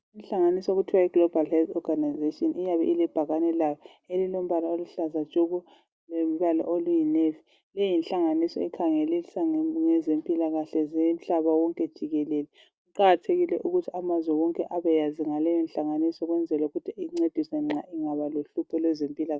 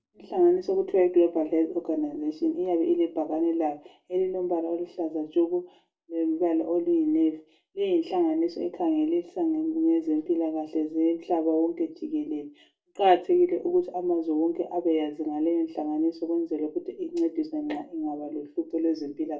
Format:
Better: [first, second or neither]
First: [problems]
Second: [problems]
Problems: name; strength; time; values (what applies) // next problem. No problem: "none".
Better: first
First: none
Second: room echo; dies away in 0.2 s